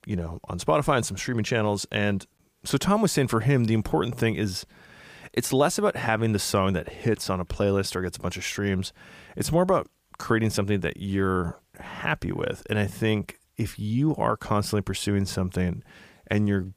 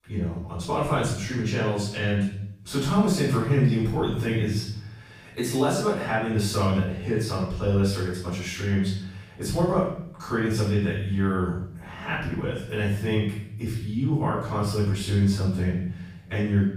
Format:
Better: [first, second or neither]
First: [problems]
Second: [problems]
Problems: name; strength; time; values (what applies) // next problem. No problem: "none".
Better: first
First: none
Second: off-mic speech; far // room echo; noticeable; dies away in 0.7 s